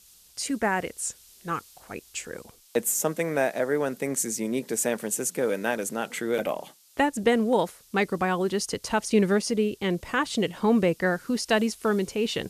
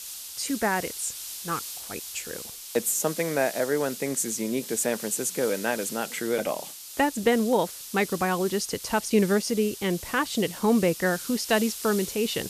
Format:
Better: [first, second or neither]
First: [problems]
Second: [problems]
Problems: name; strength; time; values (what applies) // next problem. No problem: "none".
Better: first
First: hiss; faint; throughout; 25 dB below the speech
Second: hiss; loud; throughout; 10 dB below the speech